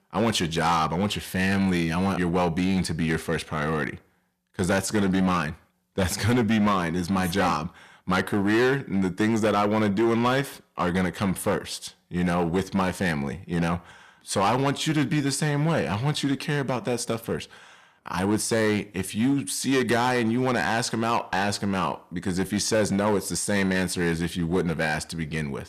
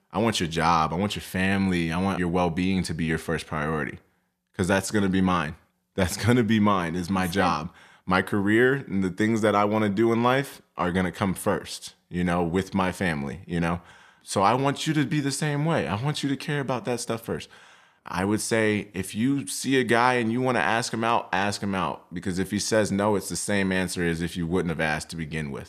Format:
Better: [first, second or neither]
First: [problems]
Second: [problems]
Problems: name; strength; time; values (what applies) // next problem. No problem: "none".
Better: second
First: distortion; slight; 7% of the sound clipped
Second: none